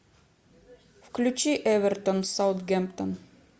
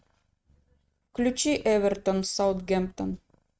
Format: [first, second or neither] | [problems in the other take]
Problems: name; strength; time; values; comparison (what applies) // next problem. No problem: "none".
first | noise reduction (neural mask model RNNoise)